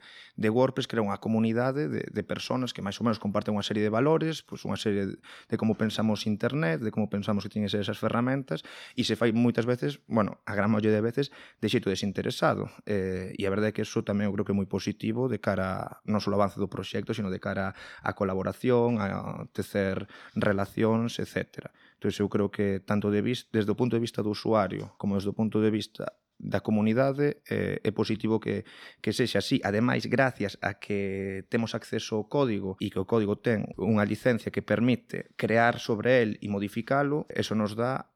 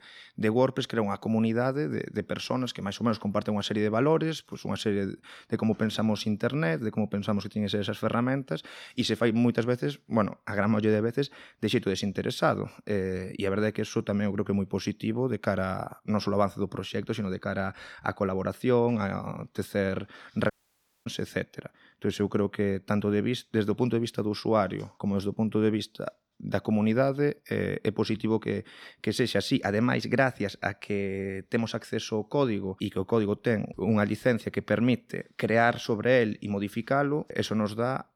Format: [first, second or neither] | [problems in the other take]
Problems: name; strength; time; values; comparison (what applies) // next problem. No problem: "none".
first | audio cutting out; at 21 s for 0.5 s